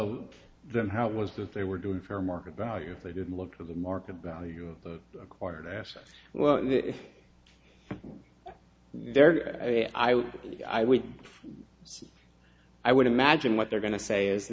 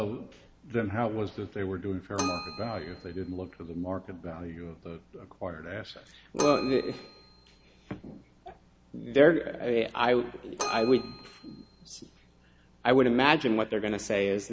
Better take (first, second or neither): first